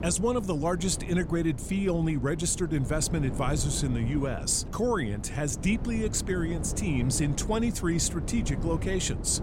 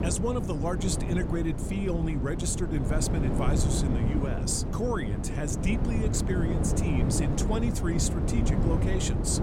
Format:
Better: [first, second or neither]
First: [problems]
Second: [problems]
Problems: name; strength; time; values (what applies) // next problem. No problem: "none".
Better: first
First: wind noise on the microphone; occasional gusts; 15 dB below the speech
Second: wind noise on the microphone; heavy; 3 dB below the speech